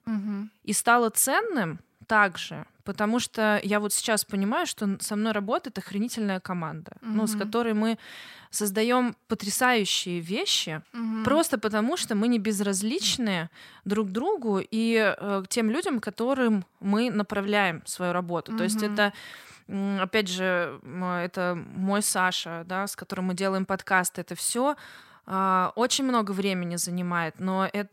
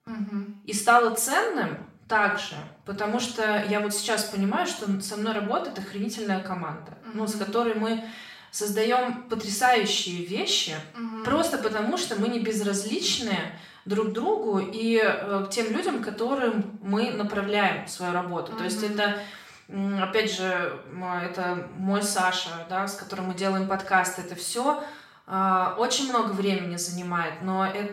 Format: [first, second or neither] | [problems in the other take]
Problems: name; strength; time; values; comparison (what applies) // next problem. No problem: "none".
first | room echo; noticeable; dies away in 0.5 s // off-mic speech; far